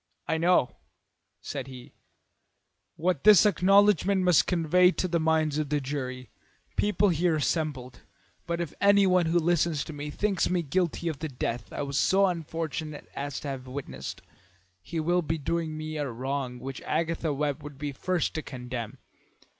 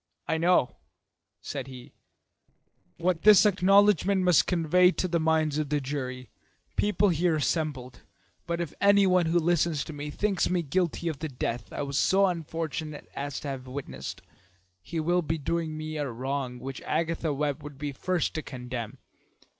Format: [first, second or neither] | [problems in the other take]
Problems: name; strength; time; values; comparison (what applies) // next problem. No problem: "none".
first | noise reduction (neural separator model SepFormer DNS4)